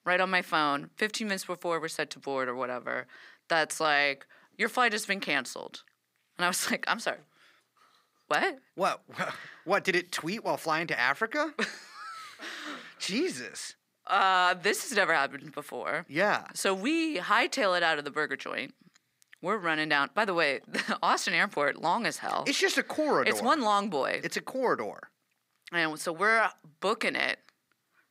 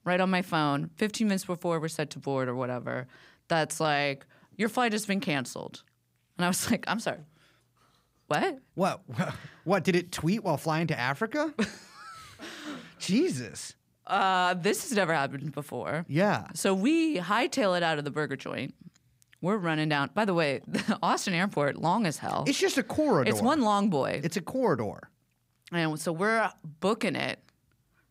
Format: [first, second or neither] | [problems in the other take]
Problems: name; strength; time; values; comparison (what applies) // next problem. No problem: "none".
second | thin; somewhat; fading below 300 Hz